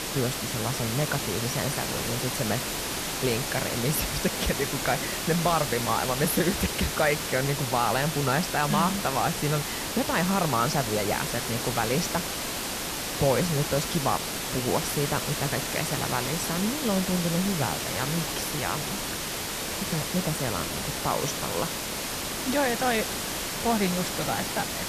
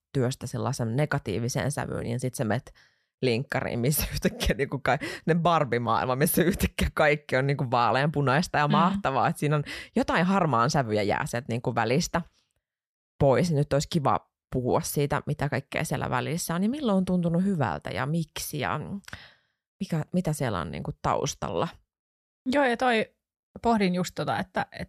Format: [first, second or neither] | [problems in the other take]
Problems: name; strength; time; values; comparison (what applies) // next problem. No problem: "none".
second | hiss; loud; throughout; 1 dB below the speech